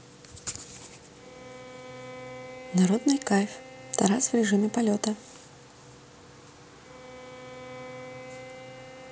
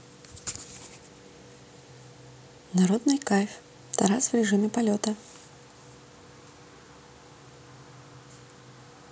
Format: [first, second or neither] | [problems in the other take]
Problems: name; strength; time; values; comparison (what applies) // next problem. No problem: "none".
second | background sound (Bowed string instrument); 16 dB below the speech